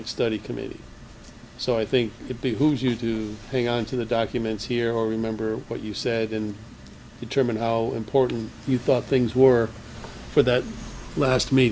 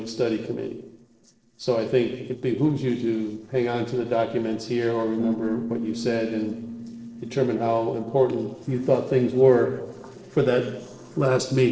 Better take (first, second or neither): first